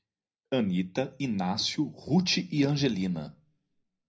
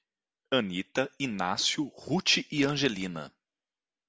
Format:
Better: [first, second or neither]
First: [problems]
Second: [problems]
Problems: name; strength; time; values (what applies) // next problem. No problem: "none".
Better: second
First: room echo; dies away in 0.5 s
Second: none